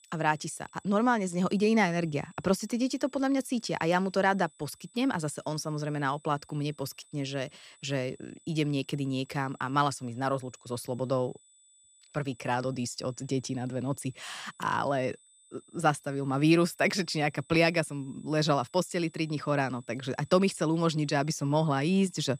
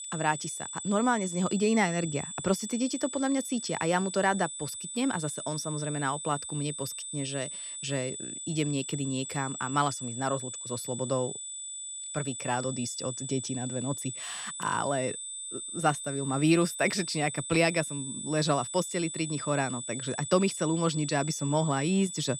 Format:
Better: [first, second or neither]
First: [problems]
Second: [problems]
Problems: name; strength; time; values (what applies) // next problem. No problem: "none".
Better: first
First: high-pitched whine; faint; throughout; 8 kHz, 30 dB below the speech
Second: high-pitched whine; loud; throughout; 8 kHz, 6 dB below the speech